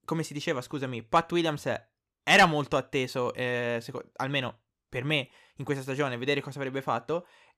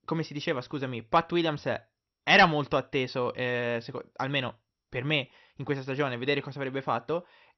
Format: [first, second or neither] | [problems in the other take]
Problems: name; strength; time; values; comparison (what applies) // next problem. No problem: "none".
first | garbled, watery; slightly; nothing above 6 kHz